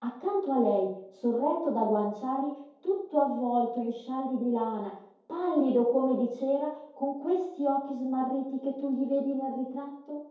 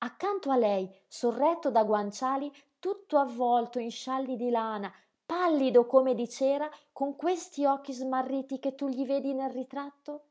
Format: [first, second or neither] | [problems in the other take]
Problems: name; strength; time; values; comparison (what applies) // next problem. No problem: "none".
second | room echo; dies away in 2.4 s